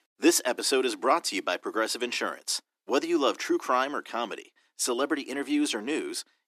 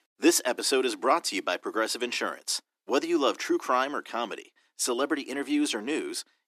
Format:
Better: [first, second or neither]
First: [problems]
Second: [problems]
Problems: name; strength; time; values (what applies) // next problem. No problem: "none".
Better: neither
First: thin; somewhat; fading below 300 Hz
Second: thin; somewhat; fading below 300 Hz